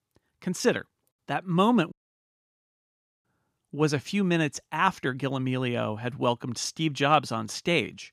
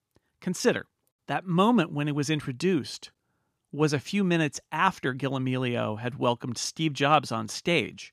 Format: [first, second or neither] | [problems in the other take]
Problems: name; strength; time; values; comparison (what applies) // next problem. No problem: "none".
second | audio cutting out; at 2 s for 1.5 s